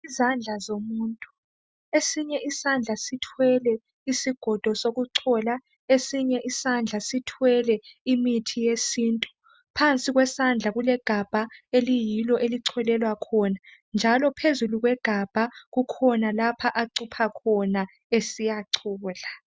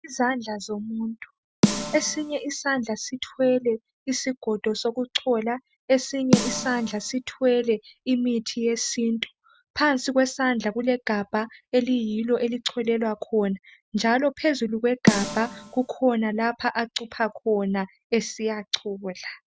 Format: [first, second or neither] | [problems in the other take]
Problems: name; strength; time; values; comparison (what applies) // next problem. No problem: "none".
first | background sound (Snare drum); 3 dB below the speech